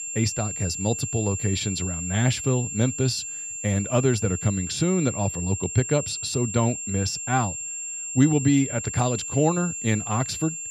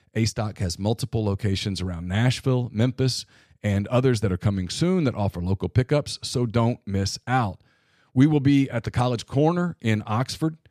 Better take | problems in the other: second | high-pitched whine; loud; throughout; 7.5 kHz, 5 dB below the speech

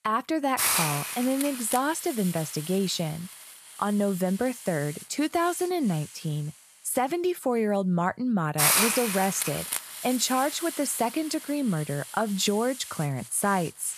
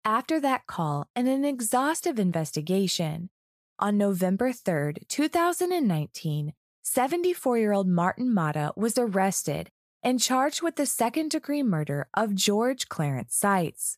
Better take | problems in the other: second | hiss; loud; throughout; 2 dB below the speech

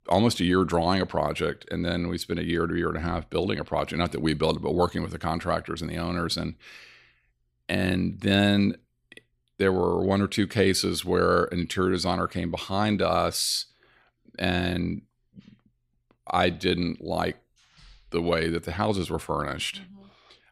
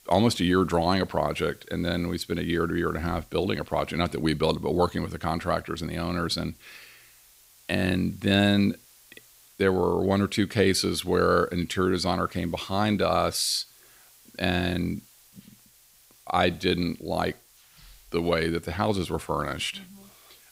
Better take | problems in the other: first | hiss; faint; throughout; 30 dB below the speech

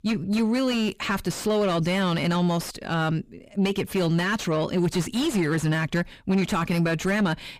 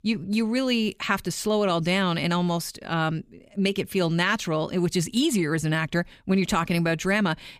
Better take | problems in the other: second | distortion; slight; 10 dB below the speech

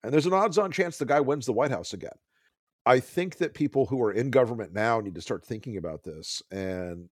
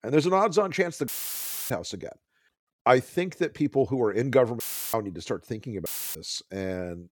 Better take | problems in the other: first | audio cutting out; filled with static; at 1 s for 0.5 s, at 4.5 s and at 6 s

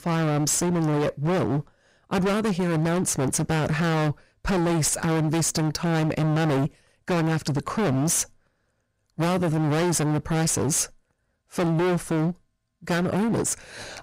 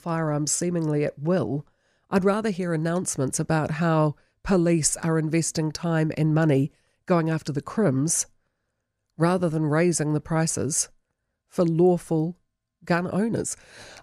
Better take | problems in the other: second | distortion; heavy; 34% of the sound clipped

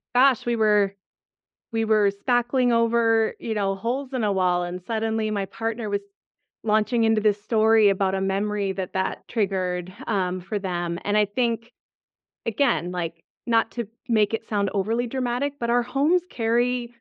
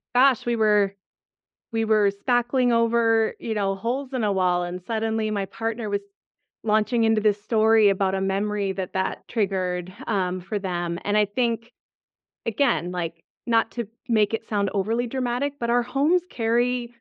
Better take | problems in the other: neither | muffled; slightly; fading above 3.5 kHz; the same in both

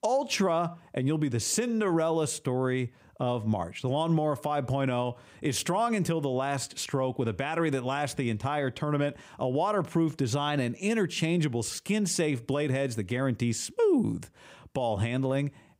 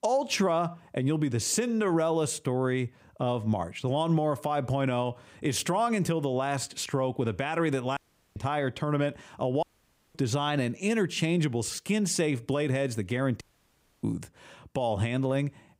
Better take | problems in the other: first | audio cutting out; at 8 s, at 9.5 s for 0.5 s and at 13 s for 0.5 s

